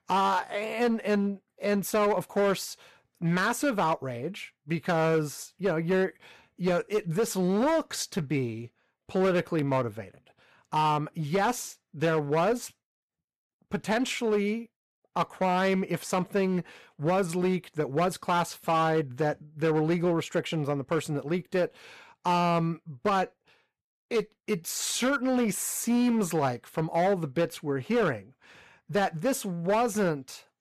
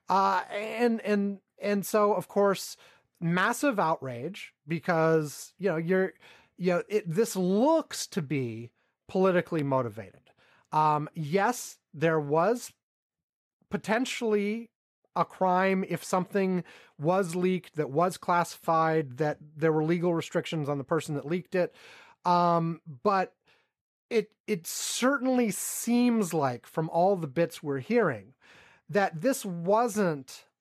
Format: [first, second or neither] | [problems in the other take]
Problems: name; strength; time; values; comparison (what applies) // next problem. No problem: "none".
second | distortion; slight; 8% of the sound clipped